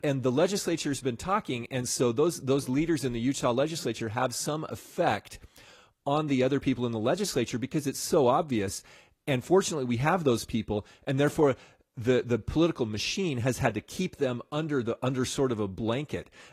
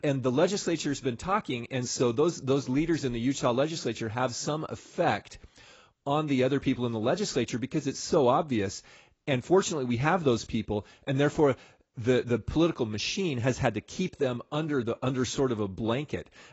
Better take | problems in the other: first | garbled, watery; badly; nothing above 7.5 kHz; slightly in the first

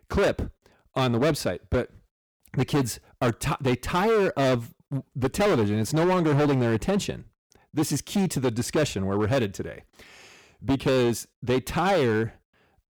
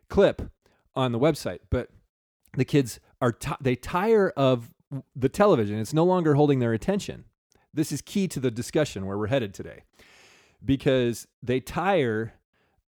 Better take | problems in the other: second | distortion; heavy; 14% of the sound clipped

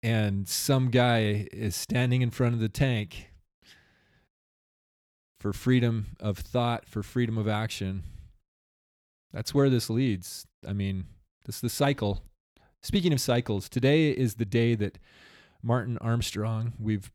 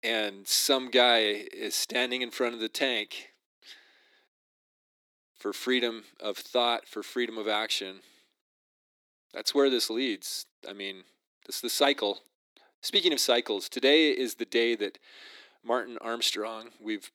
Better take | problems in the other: first | thin; somewhat; fading below 300 Hz

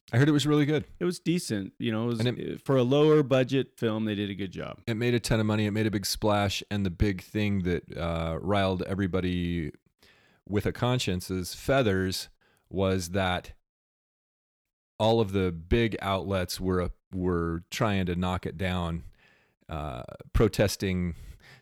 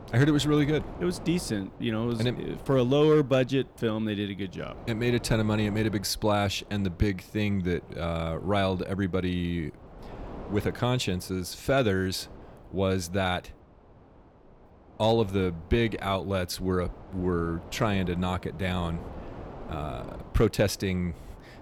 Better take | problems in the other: first | wind noise on the microphone; occasional gusts; 20 dB below the speech

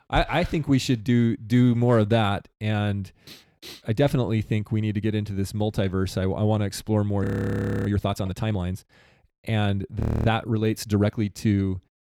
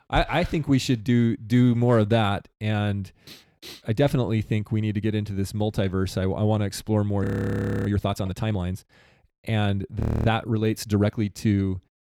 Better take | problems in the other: neither | audio freezing; at 7 s for 0.5 s and at 10 s; the same in both

